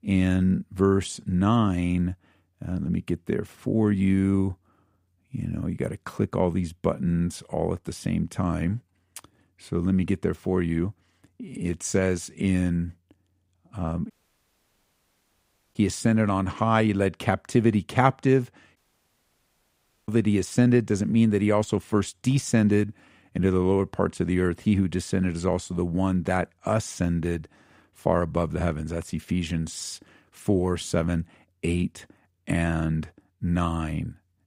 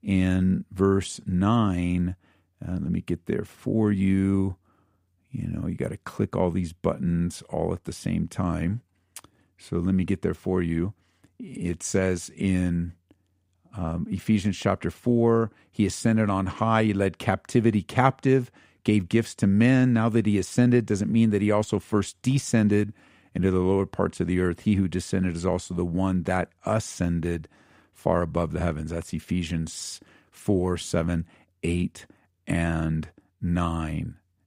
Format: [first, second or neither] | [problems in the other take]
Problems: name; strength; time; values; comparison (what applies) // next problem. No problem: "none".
second | audio cutting out; at 14 s for 1.5 s and at 19 s for 1.5 s